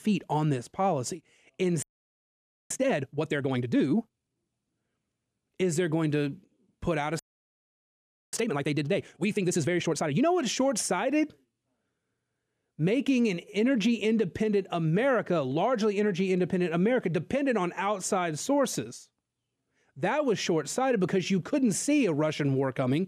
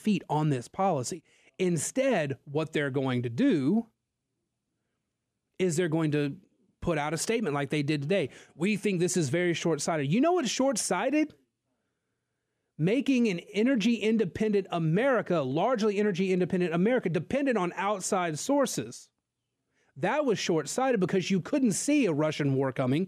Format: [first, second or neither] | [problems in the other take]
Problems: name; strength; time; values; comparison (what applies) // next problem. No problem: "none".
second | audio freezing; at 2 s for 1 s and at 7 s for 1 s